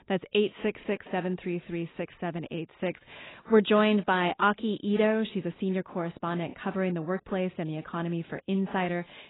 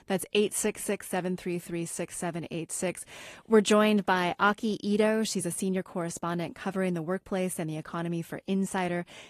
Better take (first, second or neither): second